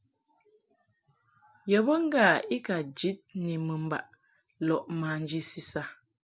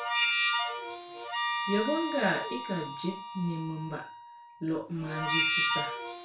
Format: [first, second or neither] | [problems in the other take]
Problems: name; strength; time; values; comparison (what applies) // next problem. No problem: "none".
first | background sound (Harmonica); 2 dB above the speech // room echo; dies away in 0.3 s